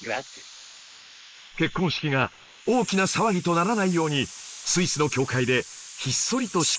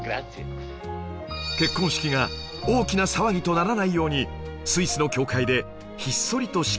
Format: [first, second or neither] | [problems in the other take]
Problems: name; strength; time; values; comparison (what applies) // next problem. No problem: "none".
second | noise reduction (neural mask model Resemble Enhance denoiser)